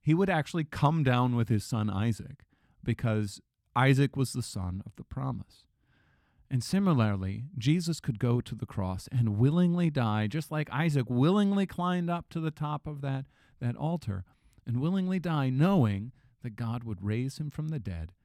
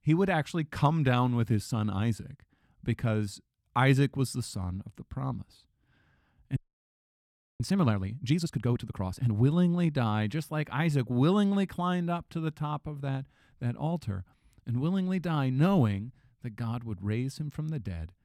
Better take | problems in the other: first | audio freezing; at 6.5 s for 1 s

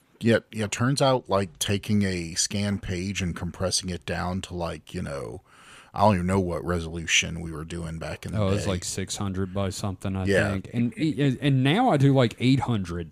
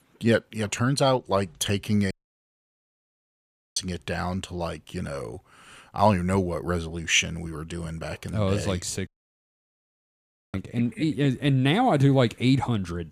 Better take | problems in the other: first | audio cutting out; at 2 s for 1.5 s and at 9 s for 1.5 s

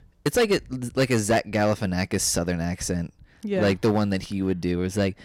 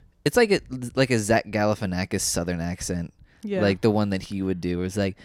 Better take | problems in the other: second | distortion; slight; 4% of the sound clipped

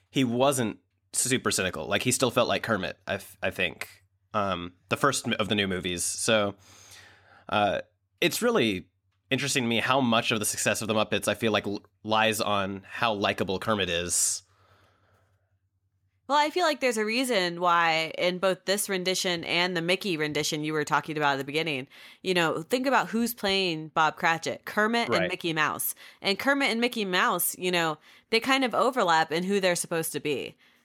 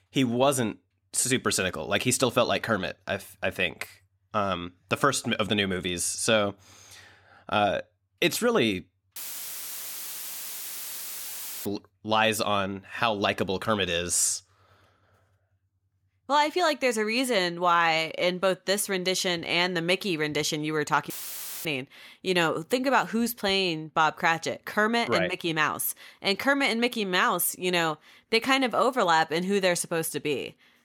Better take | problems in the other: first | audio cutting out; filled with static; at 9 s for 2.5 s and at 21 s for 0.5 s

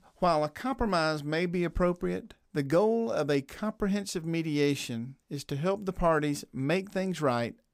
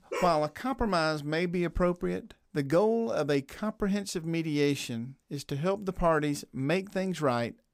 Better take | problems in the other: first | dog barking; noticeable; at the start; peak 6 dB below the speech

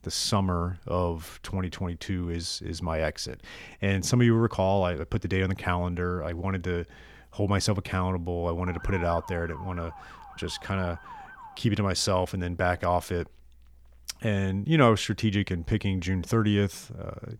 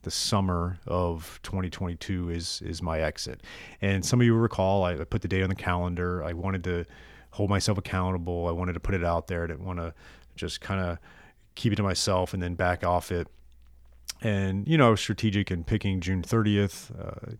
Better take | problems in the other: second | siren; faint; from 8.5 to 12 s; peak 15 dB below the speech

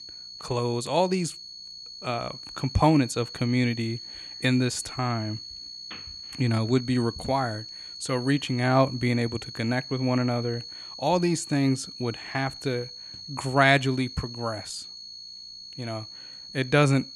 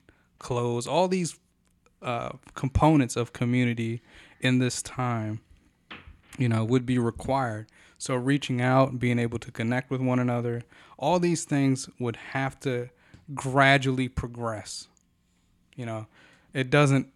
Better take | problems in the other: second | high-pitched whine; noticeable; throughout; 4.5 kHz, 10 dB below the speech

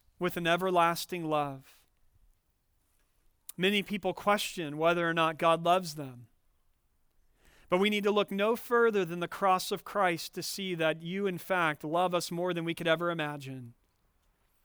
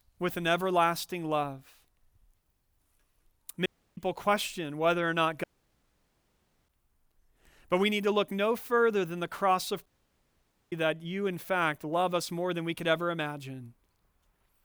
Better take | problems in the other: first | audio cutting out; at 3.5 s, at 5.5 s for 1.5 s and at 10 s for 1 s

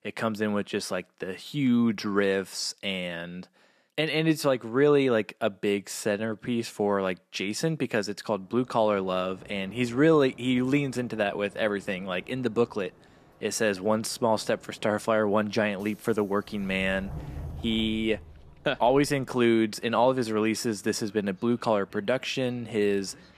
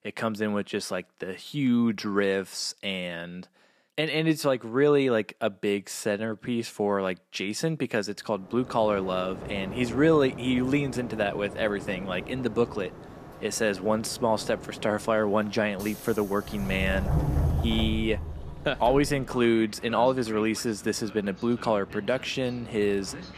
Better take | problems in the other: first | train or aircraft noise; loud; from 8.5 s on; 10 dB below the speech; faint in the first

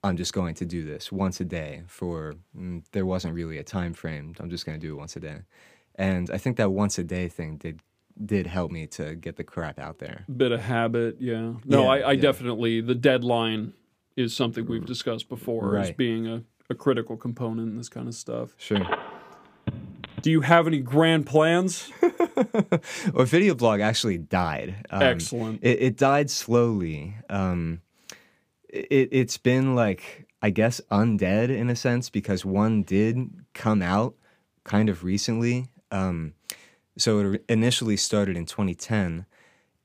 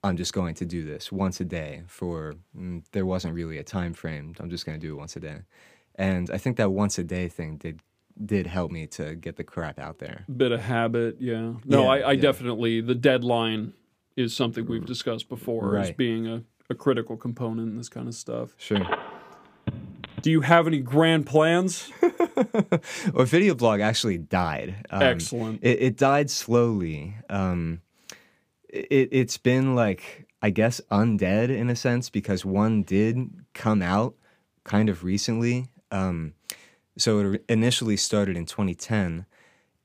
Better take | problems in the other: neither | phone ringing; noticeable; from 19 to 20 s; peak 5 dB below the speech; the same in both

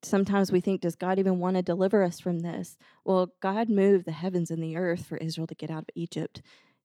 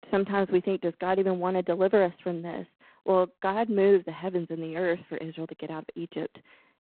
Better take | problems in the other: first | phone-call audio; poor line; nothing above 4 kHz

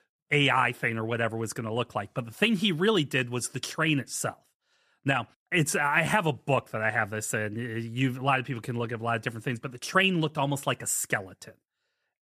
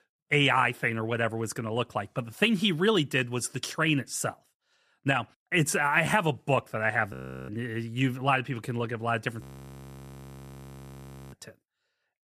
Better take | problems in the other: first | audio freezing; at 7 s and at 9.5 s for 2 s

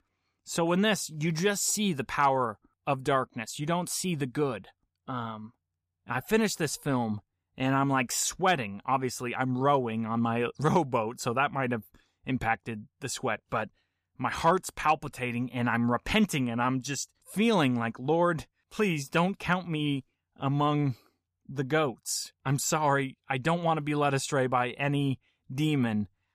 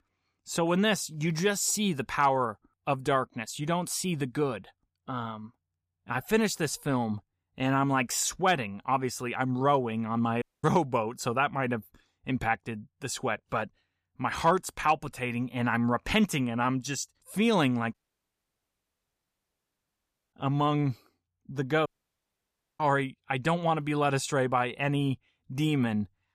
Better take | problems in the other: first | audio cutting out; at 10 s, at 18 s for 2.5 s and at 22 s for 1 s

